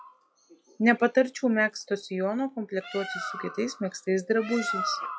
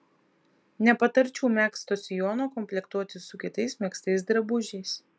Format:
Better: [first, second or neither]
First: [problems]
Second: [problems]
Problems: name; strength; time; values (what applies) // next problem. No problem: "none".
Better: second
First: noise reduction (classical method log-MMSE)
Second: none